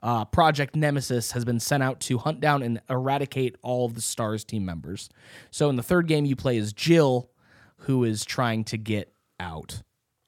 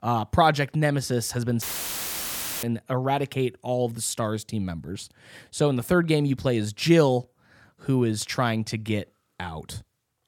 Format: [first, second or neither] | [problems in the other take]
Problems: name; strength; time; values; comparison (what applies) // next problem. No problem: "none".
first | audio cutting out; filled with static; at 1.5 s for 1 s